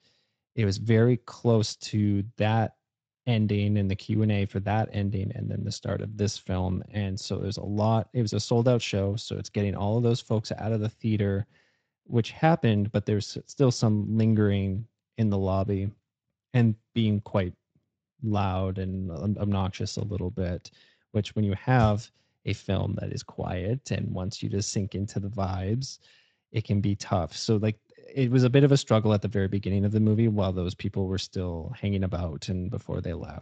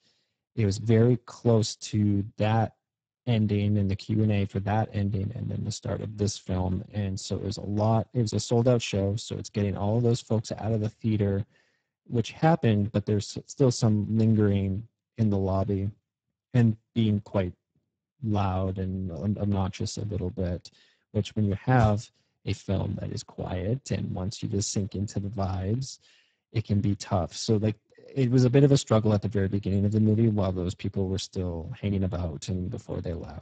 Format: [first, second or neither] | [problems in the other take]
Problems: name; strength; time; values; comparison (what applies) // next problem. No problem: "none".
first | garbled, watery; badly; nothing above 7.5 kHz; slightly in the first